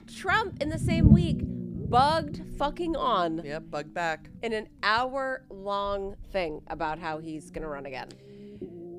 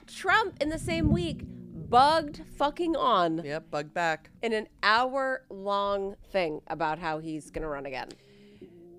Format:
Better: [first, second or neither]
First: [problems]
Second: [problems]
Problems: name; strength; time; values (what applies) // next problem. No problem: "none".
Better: second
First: low rumble; loud; throughout; 9 dB below the speech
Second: low rumble; faint; throughout; 20 dB below the speech